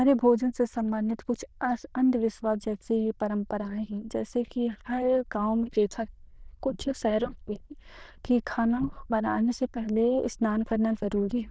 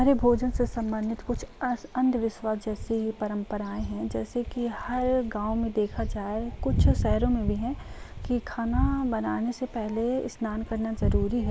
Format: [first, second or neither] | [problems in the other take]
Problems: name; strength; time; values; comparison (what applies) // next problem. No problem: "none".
second | noise reduction (neural diffusion model UNIVERSE++)